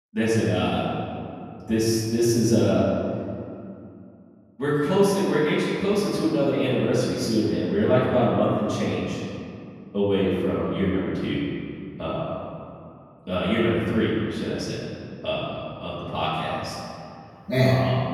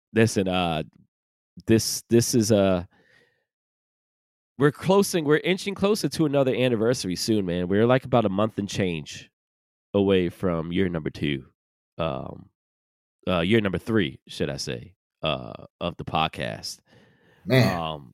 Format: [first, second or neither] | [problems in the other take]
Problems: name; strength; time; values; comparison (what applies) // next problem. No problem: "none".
second | off-mic speech; far // room echo; strong; dies away in 2.3 s